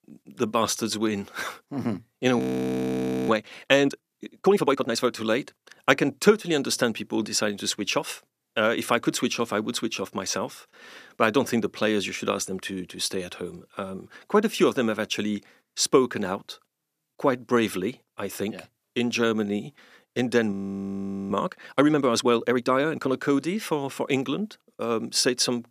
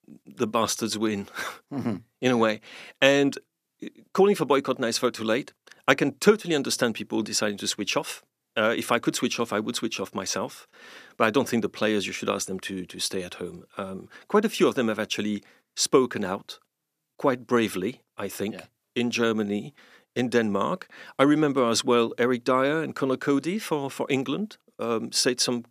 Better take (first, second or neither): second